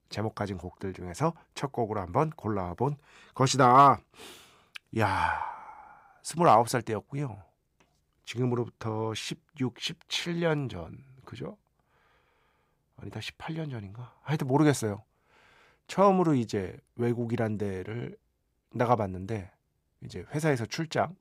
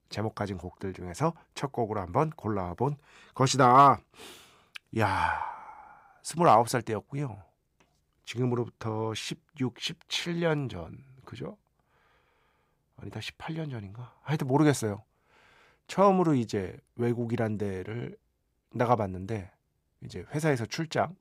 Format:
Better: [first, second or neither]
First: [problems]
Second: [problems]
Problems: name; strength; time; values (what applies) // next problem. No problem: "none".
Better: neither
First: none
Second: none